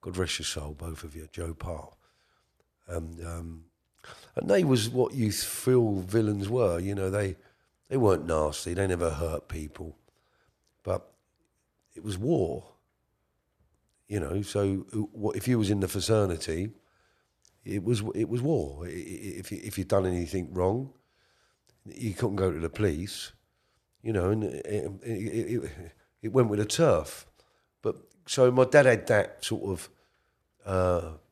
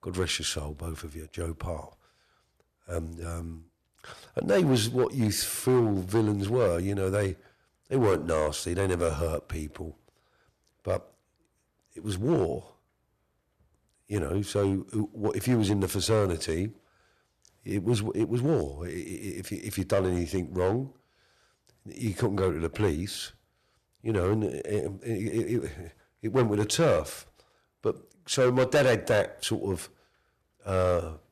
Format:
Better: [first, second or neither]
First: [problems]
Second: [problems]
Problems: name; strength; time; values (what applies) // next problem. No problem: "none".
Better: first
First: none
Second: distortion; slight; 3% of the sound clipped